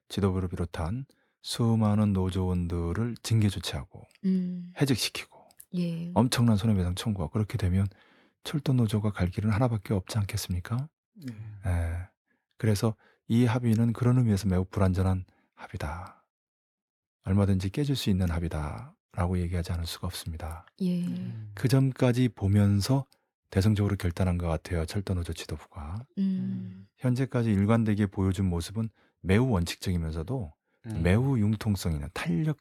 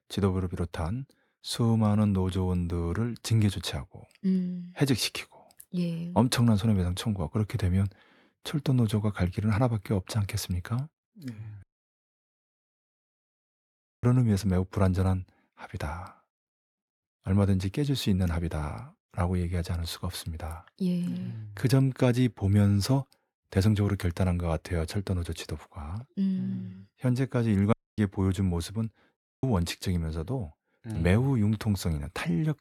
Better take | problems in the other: first | audio cutting out; at 12 s for 2.5 s, at 28 s and at 29 s

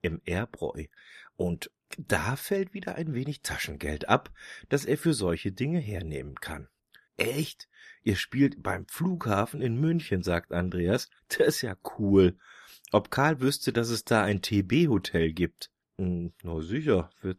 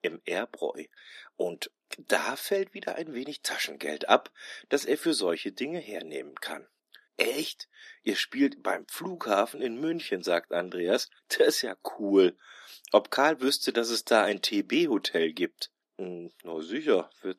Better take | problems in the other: first | thin; somewhat; fading below 250 Hz

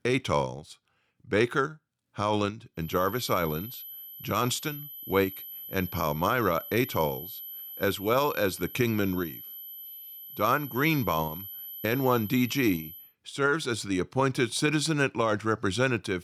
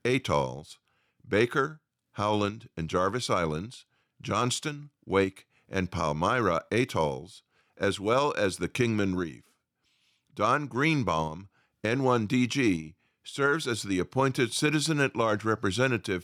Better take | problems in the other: second | high-pitched whine; noticeable; from 3 to 13 s; 12 kHz, 10 dB below the speech

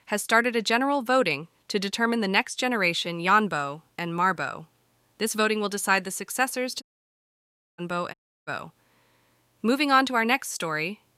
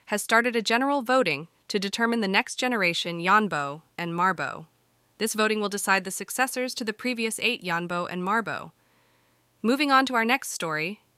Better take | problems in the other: second | audio cutting out; at 7 s for 1 s and at 8 s

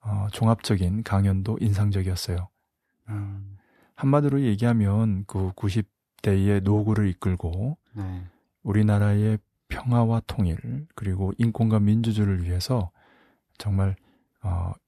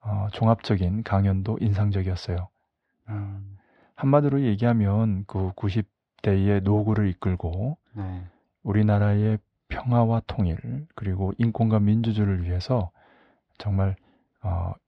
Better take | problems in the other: first | muffled; slightly; fading above 4 kHz

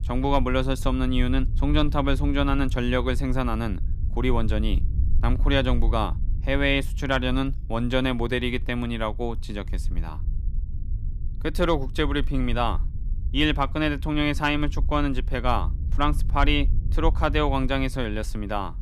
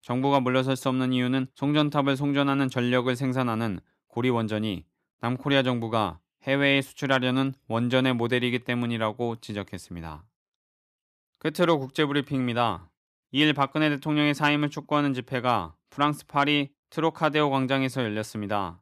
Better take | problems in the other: second | low rumble; faint; throughout; 20 dB below the speech

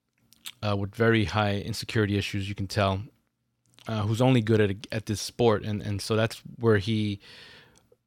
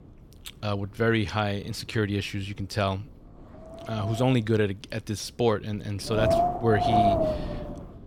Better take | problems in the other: first | wind noise on the microphone; heavy; 4 dB above the speech

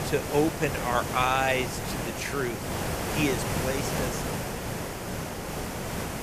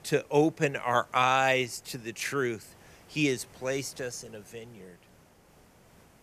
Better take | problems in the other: second | hiss; loud; throughout; 3 dB below the speech; faint in the second

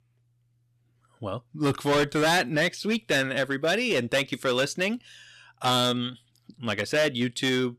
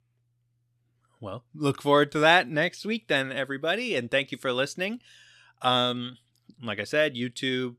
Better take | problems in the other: second | distortion; heavy; 9% of the sound clipped

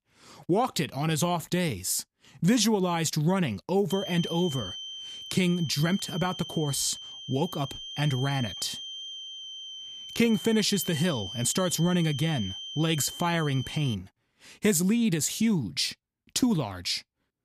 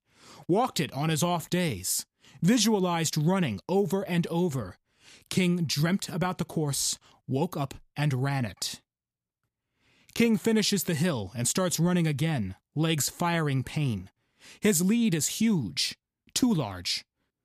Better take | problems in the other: second | high-pitched whine; loud; from 4 to 14 s; 3 kHz, 10 dB below the speech

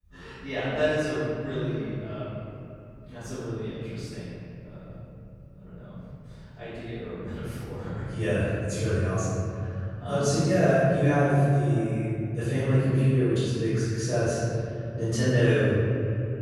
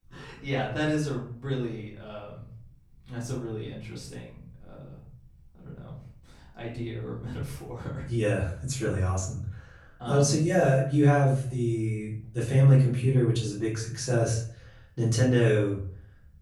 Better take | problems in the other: second | room echo; strong; dies away in 3 s; slight in the second // off-mic speech; far; far in the second

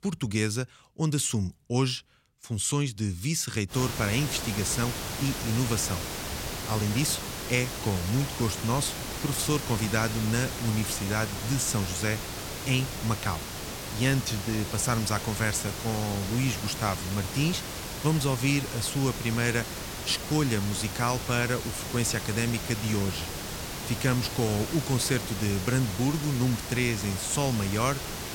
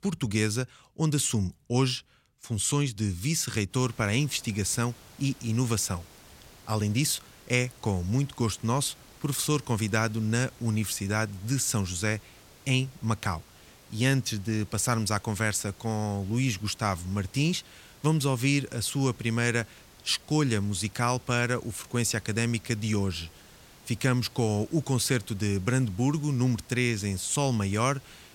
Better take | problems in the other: second | hiss; loud; from 3.5 s on; 6 dB below the speech; faint in the second

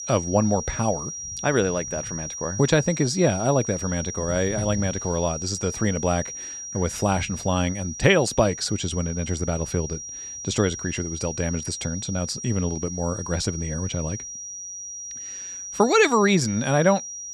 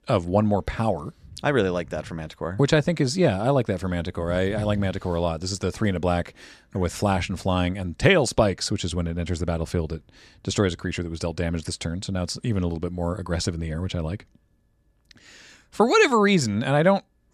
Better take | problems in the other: second | high-pitched whine; loud; throughout; 5.5 kHz, 8 dB below the speech

